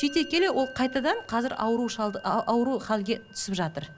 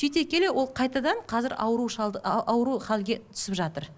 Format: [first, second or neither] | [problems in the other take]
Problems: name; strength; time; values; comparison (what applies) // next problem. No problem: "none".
second | background sound (Musical instrument); 19 dB below the speech